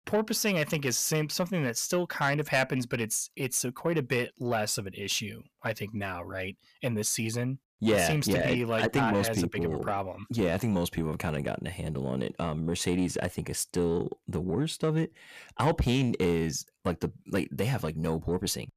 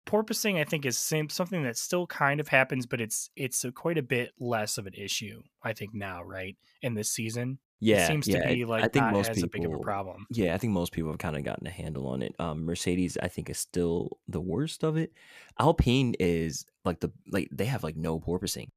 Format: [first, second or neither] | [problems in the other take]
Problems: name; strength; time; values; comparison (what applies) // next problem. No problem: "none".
second | distortion; slight; 10 dB below the speech